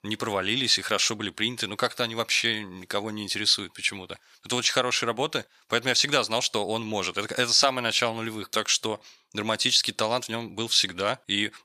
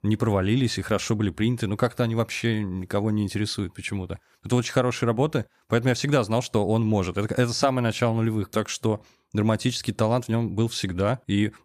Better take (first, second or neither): second